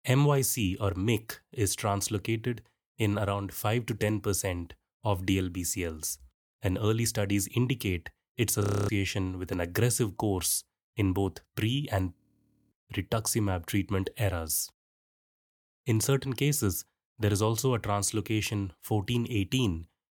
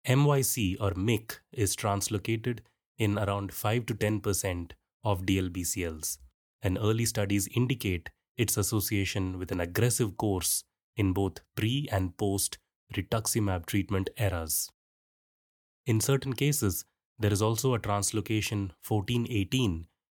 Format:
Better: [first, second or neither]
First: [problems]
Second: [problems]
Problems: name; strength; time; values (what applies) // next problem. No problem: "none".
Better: second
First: audio freezing; at 8.5 s and at 12 s for 0.5 s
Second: none